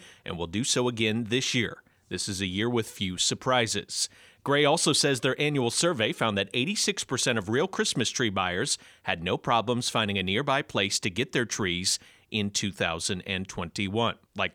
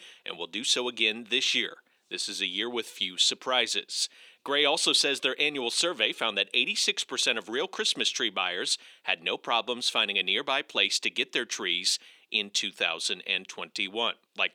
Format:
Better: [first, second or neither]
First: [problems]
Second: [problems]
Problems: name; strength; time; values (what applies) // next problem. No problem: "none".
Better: first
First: none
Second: thin; somewhat; fading below 300 Hz